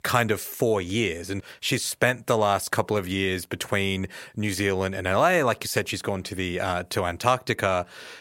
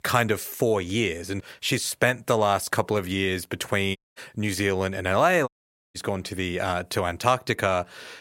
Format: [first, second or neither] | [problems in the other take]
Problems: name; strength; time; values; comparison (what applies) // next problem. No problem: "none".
first | audio cutting out; at 4 s and at 5.5 s